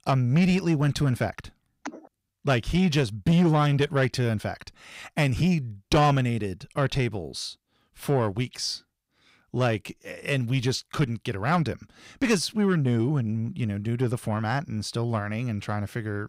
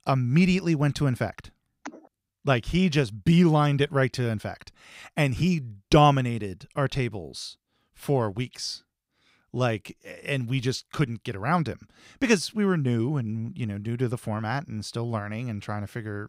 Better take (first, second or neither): second